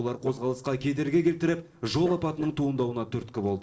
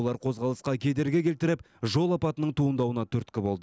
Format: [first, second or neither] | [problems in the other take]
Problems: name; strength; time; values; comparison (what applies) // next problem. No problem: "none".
second | noise reduction (neural separator model SepFormer DNS4)